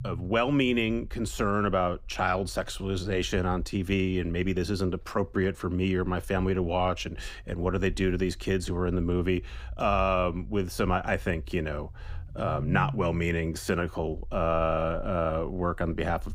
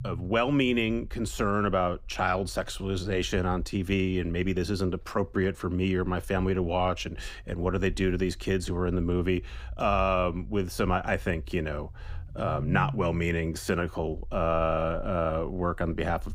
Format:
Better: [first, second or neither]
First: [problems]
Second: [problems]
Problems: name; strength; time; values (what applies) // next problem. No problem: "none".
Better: neither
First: low rumble; faint; throughout; 25 dB below the speech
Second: low rumble; faint; throughout; 25 dB below the speech